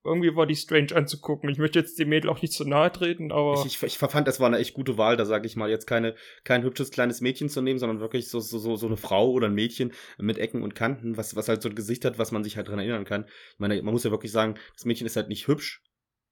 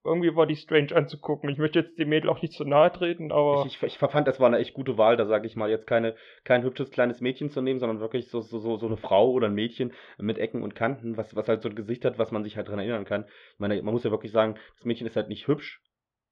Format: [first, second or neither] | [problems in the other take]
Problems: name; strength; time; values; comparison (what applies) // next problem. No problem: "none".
first | muffled; very; fading above 3.5 kHz